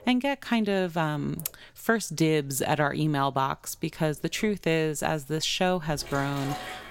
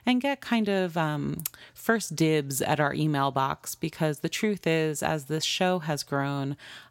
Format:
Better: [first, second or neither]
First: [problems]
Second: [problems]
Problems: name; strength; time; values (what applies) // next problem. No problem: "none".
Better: second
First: household noises; noticeable; throughout; 15 dB below the speech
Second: none